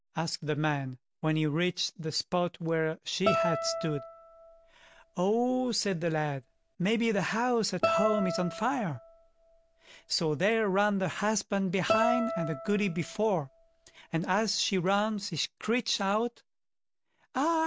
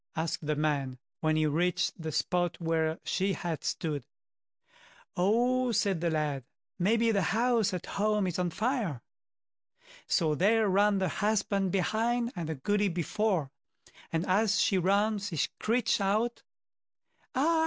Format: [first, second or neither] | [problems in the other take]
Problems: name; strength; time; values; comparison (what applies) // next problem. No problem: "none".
second | background sound (Guitar); 6 dB below the speech